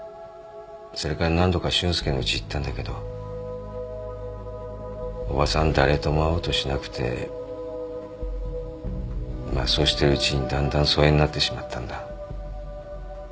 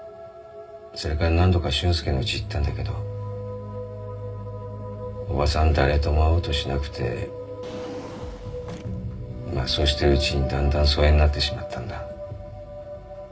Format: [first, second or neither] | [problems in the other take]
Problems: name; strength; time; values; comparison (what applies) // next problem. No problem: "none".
first | background sound (Drawer open or close); 17 dB below the speech // room echo; dies away in 0.4 s